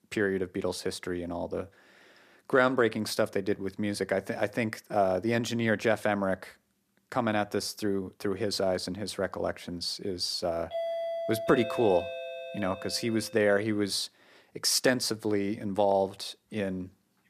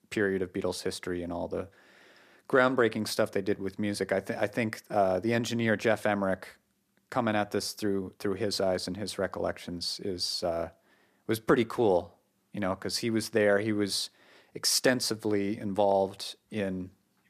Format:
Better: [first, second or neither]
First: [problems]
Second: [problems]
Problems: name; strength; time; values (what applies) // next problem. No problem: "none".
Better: second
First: doorbell; noticeable; from 11 to 13 s; peak 3 dB below the speech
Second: none